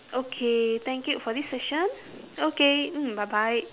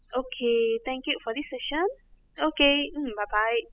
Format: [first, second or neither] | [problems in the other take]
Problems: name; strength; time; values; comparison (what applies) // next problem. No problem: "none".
first | noise reduction (classical method spectral subtraction)